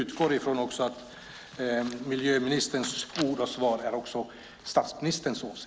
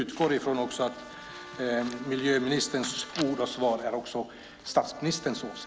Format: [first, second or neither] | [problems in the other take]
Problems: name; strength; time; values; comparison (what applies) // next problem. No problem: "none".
first | background sound (Wind instrument, woodwind instrument + Trumpet); 18 dB below the speech